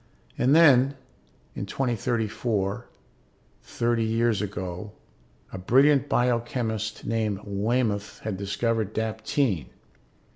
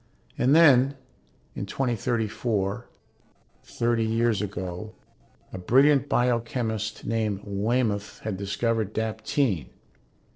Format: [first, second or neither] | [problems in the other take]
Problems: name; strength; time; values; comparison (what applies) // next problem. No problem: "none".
first | noise reduction (neural separator model SepFormer DNS4)